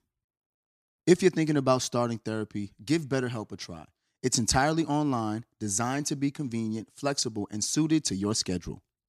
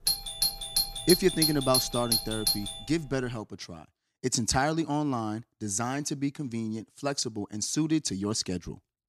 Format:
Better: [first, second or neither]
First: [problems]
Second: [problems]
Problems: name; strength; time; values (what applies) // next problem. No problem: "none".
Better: first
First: none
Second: doorbell; loud; until 3 s; peak 5 dB above the speech